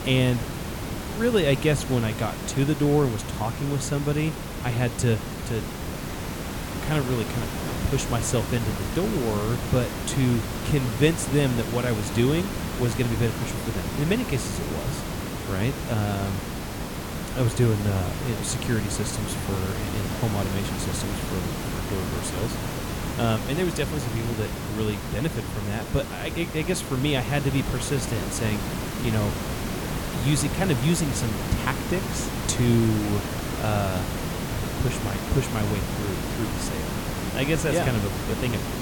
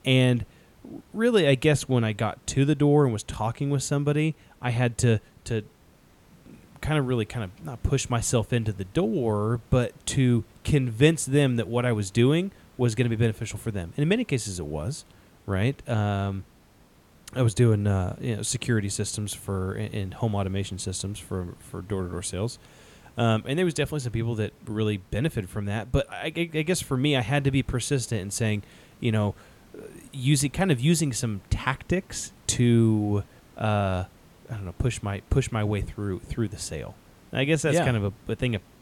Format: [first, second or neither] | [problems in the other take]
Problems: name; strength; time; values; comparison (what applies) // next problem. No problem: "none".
second | hiss; loud; throughout; 4 dB below the speech; faint in the second